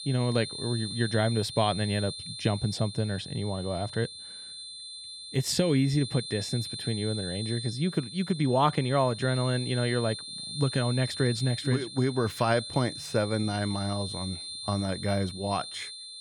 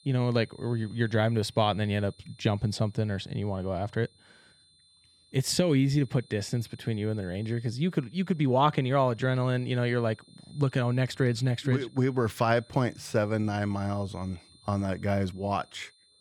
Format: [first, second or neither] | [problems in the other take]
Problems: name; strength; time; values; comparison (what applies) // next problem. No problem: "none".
second | high-pitched whine; loud; throughout; 4 kHz, 8 dB below the speech; faint in the second